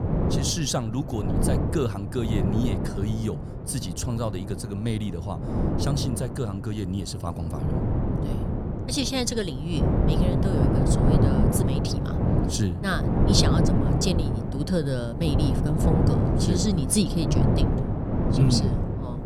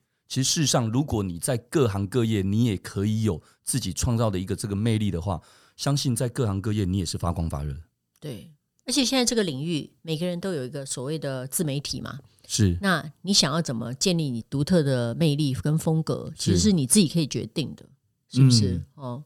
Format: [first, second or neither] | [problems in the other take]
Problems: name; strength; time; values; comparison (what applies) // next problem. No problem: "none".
second | wind noise on the microphone; heavy; as loud as the speech